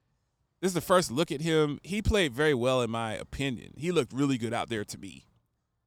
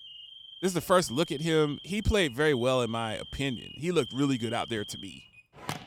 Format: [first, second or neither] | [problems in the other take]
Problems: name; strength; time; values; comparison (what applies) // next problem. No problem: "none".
first | alarms or sirens; noticeable; throughout; 15 dB below the speech